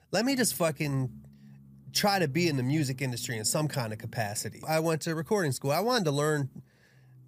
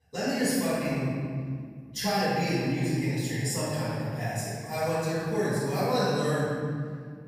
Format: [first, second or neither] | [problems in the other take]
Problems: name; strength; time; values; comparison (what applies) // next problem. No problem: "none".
first | off-mic speech; far // room echo; strong; dies away in 1.9 s